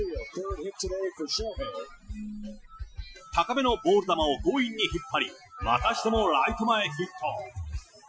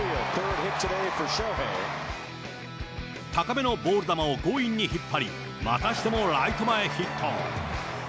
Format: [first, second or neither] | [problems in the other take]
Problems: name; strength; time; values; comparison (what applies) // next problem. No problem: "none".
second | noise reduction (classical method Wiener filter)